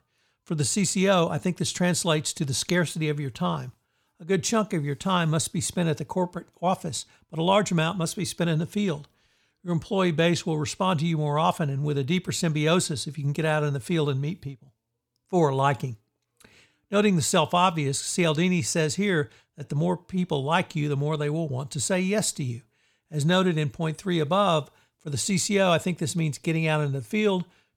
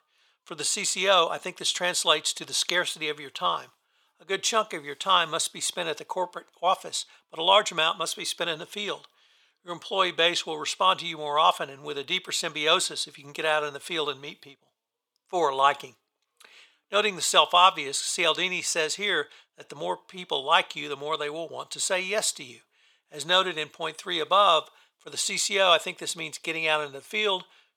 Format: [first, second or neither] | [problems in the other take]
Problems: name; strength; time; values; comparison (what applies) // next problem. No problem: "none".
first | thin; very; fading below 600 Hz